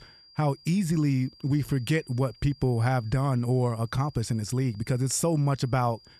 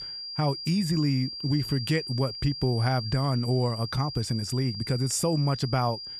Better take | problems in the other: first | high-pitched whine; loud; throughout; 5 kHz, 8 dB below the speech; faint in the first

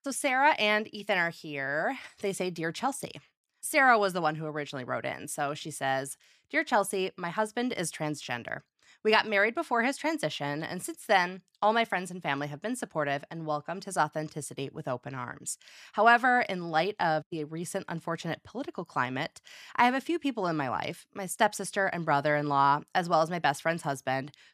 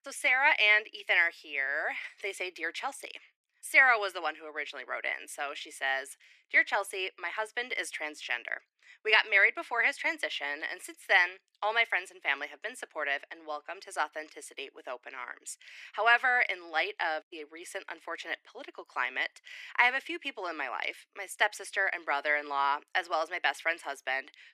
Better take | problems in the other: first | thin; very; fading below 350 Hz

